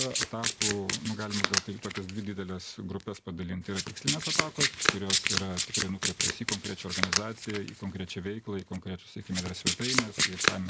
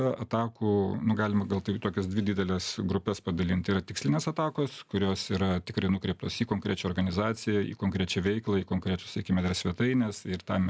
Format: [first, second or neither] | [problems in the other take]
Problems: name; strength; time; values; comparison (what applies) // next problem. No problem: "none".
second | background sound (Domestic sounds, home sounds); 4 dB above the speech